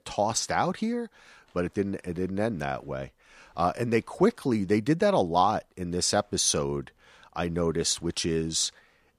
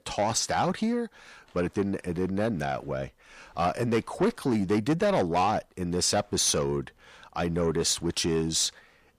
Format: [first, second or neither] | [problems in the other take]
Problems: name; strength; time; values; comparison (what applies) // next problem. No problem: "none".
first | distortion; slight; 10 dB below the speech